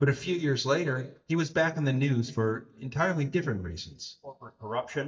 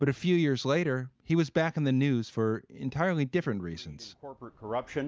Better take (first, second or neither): second